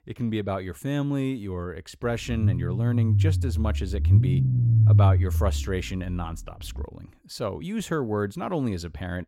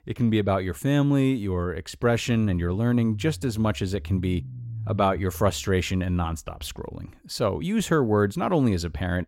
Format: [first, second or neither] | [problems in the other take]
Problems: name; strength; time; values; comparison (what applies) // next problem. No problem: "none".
second | low rumble; loud; from 2 to 7 s; 4 dB below the speech; faint in the second